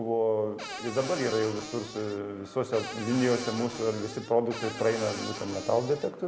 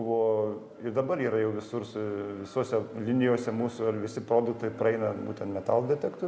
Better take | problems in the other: second | background sound (Cupboard open or close / Door); 11 dB below the speech

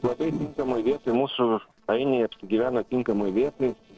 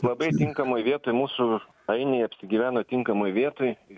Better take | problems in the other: second | noise reduction (neural separator model SepFormer DNS4)

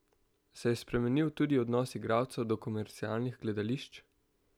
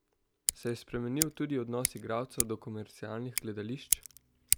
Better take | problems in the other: first | background sound (Scissors); 1 dB above the speech

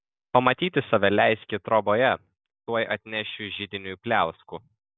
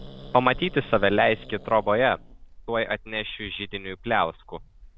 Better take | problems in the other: first | background sound (Growling); 17 dB below the speech

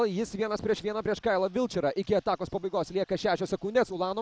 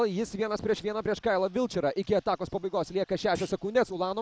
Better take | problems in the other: first | background sound (Thump, thud); 18 dB below the speech

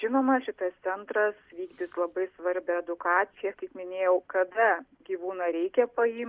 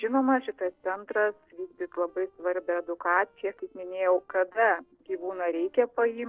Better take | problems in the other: first | noise reduction (neural separator model SepFormer DNS4)

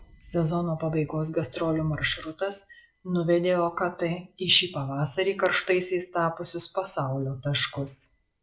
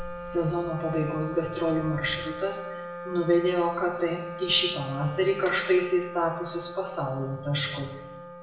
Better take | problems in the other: first | background sound (Wind instrument, woodwind instrument); 10 dB below the speech // room echo; dies away in 0.8 s

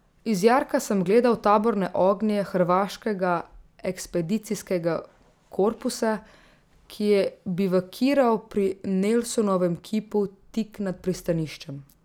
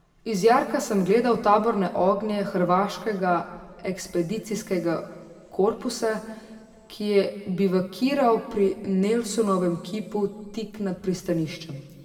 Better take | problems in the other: first | room echo; dies away in 1.5 s

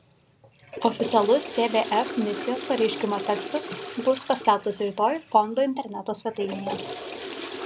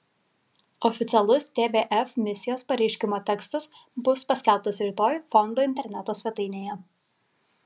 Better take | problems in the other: second | background sound (Toilet flush / Water); 10 dB below the speech

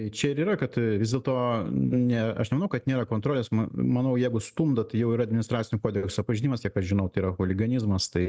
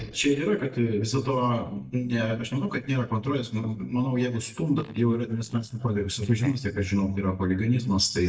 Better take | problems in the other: first | noise reduction (neural mask model DeepFilterNet 3)

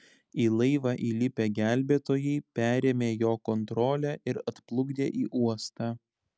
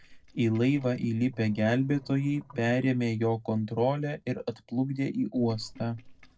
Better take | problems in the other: first | noise reduction (neural separator model SepFormer DNS4)

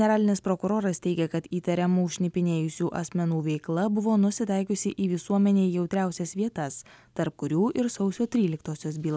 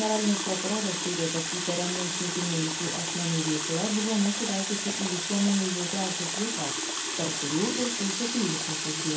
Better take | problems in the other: first | background sound (Water tap, faucet); 1 dB below the speech // room echo; dies away in 0.3 s

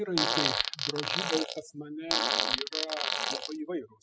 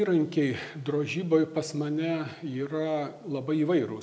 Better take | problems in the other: second | noise reduction (classical method spectral subtraction)

